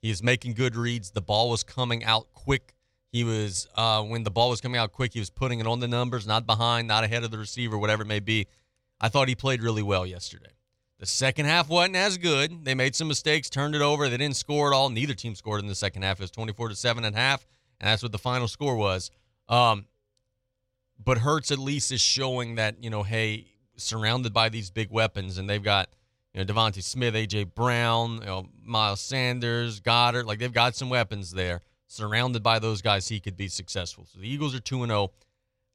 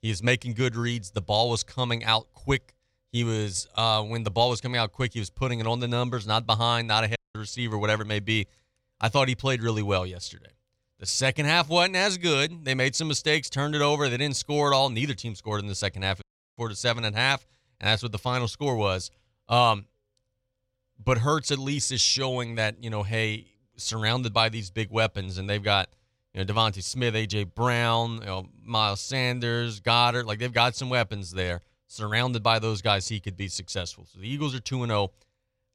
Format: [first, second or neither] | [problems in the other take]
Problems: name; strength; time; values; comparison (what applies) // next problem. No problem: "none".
first | audio cutting out; at 7 s and at 16 s